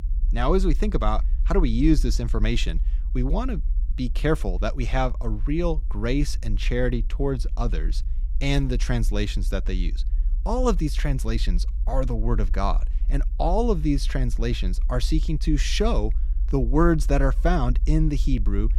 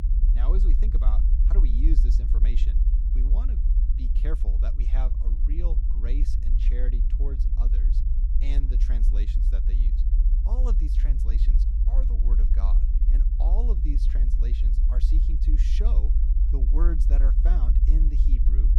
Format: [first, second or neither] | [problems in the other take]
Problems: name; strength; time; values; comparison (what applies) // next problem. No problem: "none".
first | low rumble; loud; throughout; 3 dB below the speech; faint in the first